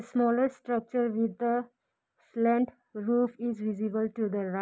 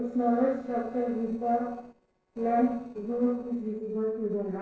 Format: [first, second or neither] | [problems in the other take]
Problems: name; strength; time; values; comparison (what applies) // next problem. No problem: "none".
first | noise reduction (neural separator model SepFormer DNS4)